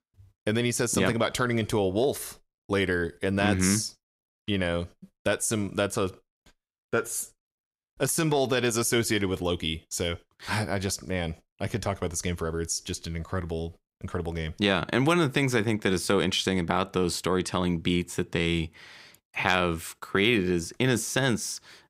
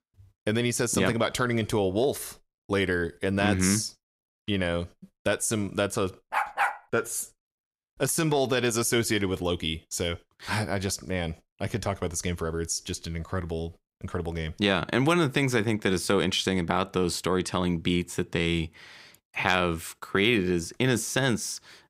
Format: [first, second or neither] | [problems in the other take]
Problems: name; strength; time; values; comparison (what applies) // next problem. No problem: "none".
first | dog barking; loud; at 6.5 s; peak 1 dB above the speech